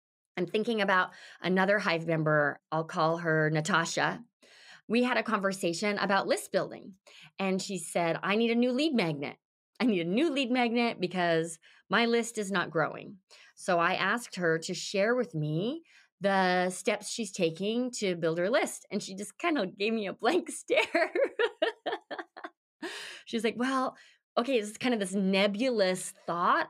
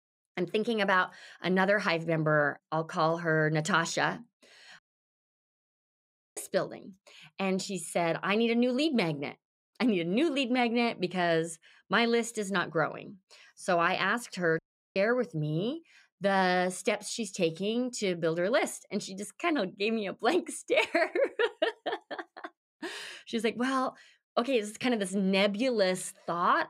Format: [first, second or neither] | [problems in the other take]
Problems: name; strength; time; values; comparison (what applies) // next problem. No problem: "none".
first | audio cutting out; at 5 s for 1.5 s and at 15 s